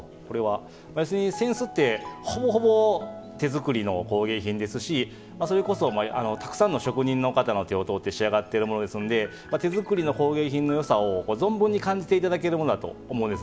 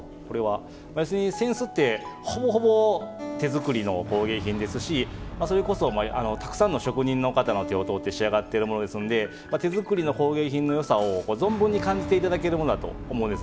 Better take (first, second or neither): first